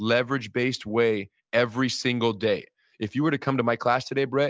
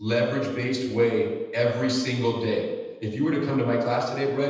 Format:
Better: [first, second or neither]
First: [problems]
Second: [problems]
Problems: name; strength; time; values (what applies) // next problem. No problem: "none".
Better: first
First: none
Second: room echo; dies away in 1.1 s